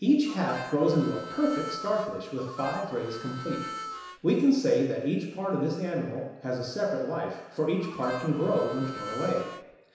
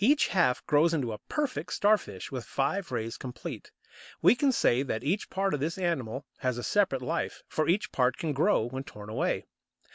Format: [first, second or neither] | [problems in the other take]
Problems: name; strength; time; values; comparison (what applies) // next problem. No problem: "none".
second | background sound (Harmonica); 12 dB below the speech // room echo; dies away in 1 s